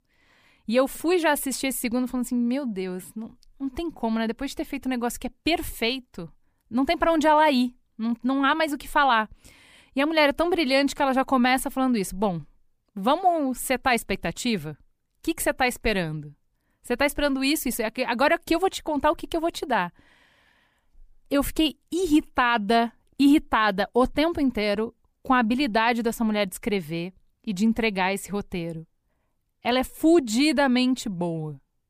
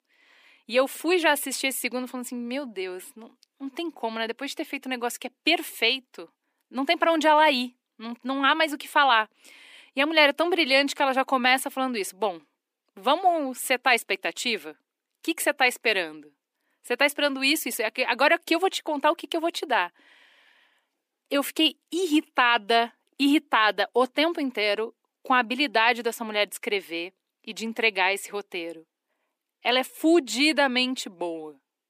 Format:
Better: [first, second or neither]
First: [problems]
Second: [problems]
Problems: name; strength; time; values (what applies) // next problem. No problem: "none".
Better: first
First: none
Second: thin; very slightly; fading below 300 Hz